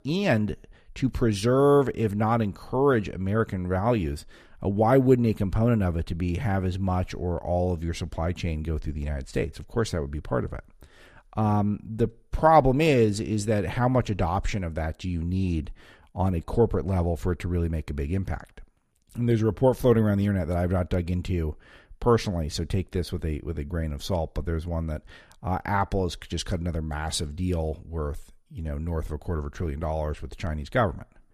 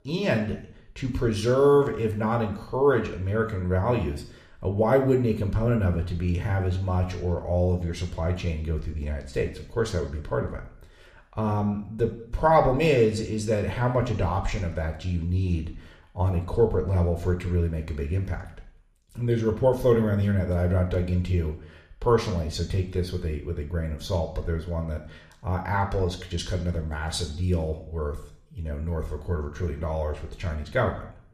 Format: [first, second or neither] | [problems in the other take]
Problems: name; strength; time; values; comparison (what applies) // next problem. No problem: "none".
first | room echo; slight; dies away in 0.6 s